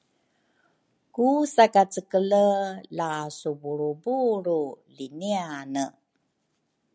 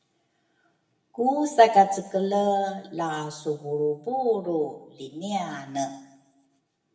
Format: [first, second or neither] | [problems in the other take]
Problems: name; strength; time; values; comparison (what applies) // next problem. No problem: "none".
first | room echo; dies away in 0.8 s